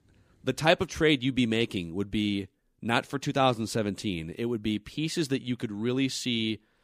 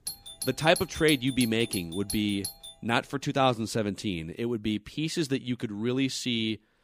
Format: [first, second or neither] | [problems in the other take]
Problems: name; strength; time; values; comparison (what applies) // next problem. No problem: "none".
first | doorbell; noticeable; until 2.5 s; peak 6 dB below the speech